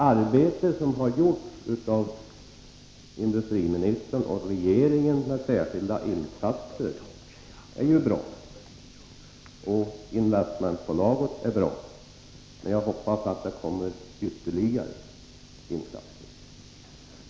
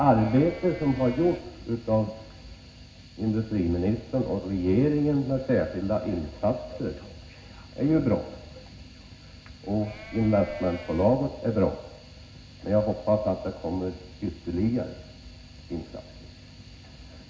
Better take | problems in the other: first | background sound (Livestock, farm animals, working animals); 17 dB below the speech // room echo; dies away in 0.4 s

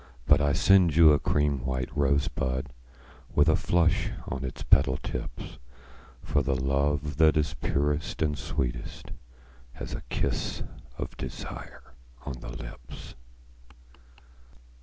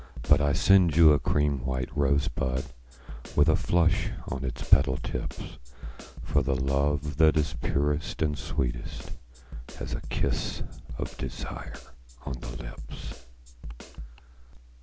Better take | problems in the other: first | background sound (Snare drum); 14 dB below the speech

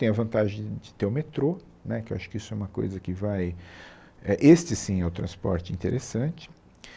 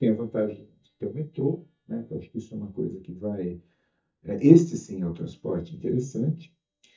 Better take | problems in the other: first | noise reduction (neural mask model DeepFilterNet 3)

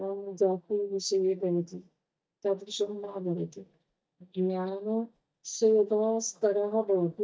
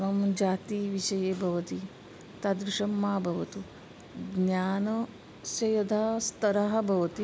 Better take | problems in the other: second | noise reduction (neural mask model DeepFilterNet 3)

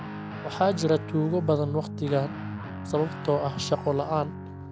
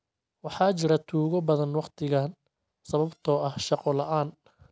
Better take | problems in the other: second | background sound (Guitar); 8 dB below the speech

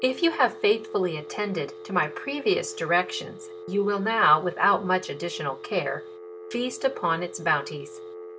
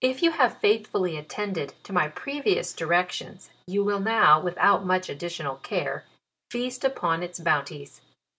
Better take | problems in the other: second | background sound (Telephone); 14 dB below the speech

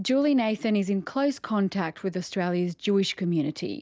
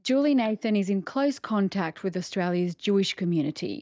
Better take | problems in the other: first | noise reduction (neural mask model DeepFilterNet 3)

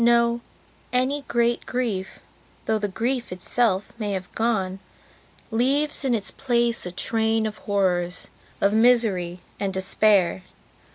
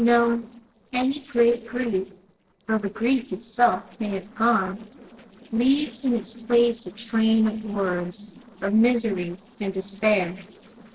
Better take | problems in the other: first | noise reduction (neural separator model SepFormer DNS4)

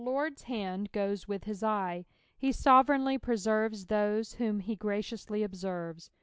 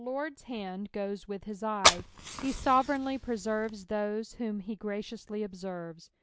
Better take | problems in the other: first | background sound (Fire); 2 dB above the speech

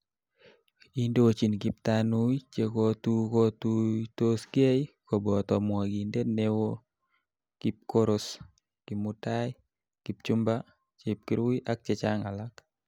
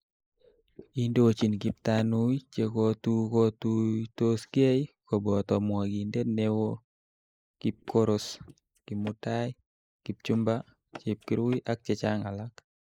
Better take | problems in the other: first | noise reduction (neural mask model Resemble Enhance denoiser)

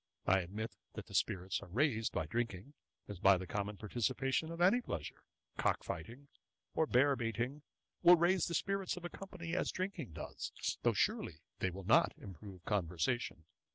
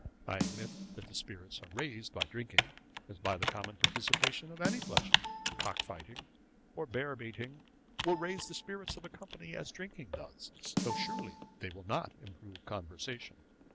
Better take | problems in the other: first | background sound (Snare drum + Computer keyboard); 3 dB above the speech

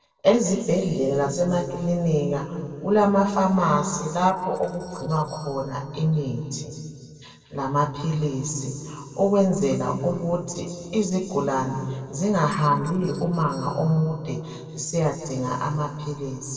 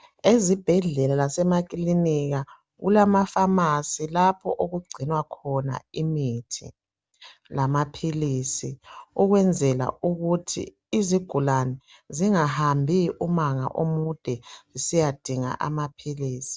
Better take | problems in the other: second | noise reduction (neural separator model SepFormer DNS4)

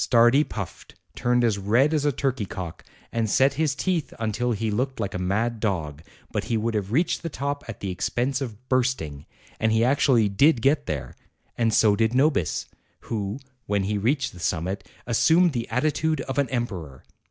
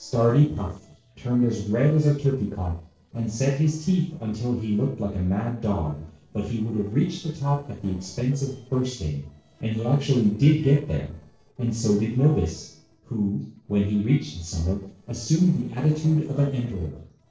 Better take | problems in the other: first | noise reduction (neural separator model SepFormer DNS4)

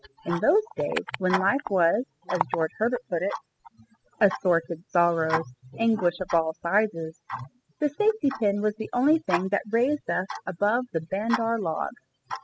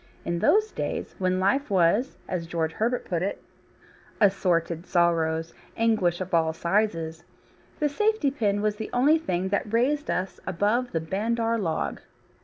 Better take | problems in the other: second | noise reduction (classical method spectral subtraction)

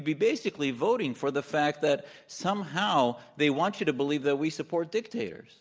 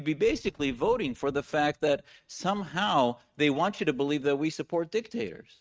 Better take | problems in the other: first | noise reduction (neural mask model RNNoise)

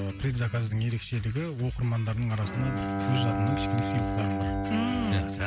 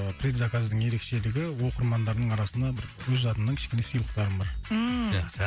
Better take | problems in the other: second | background sound (Bowed string instrument); 4 dB below the speech

